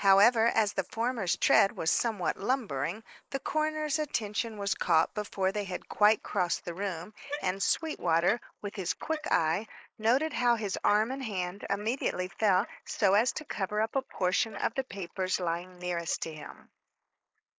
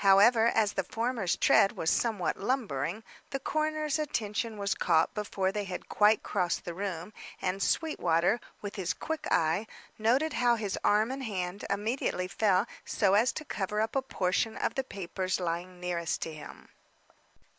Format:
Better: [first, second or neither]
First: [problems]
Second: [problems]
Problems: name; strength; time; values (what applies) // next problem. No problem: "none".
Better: second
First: noise reduction (neural mask model Resemble Enhance denoiser)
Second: none